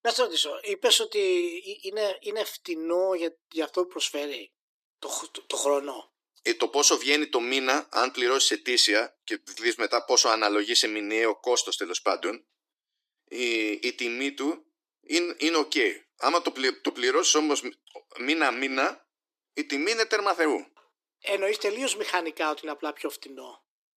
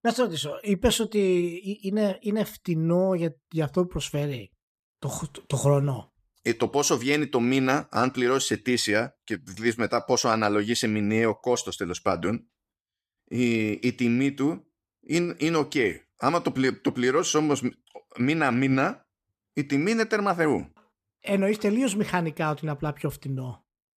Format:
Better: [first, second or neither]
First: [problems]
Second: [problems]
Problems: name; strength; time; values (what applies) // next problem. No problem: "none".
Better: second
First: thin; somewhat; fading below 300 Hz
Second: none